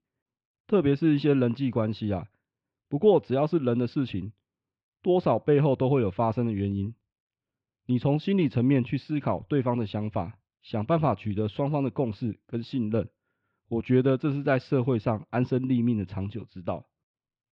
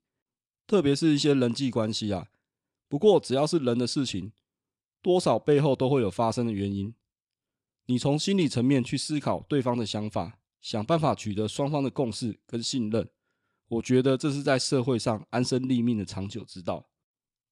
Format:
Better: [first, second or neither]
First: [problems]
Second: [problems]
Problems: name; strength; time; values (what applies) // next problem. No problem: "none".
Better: second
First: muffled; very; fading above 3 kHz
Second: none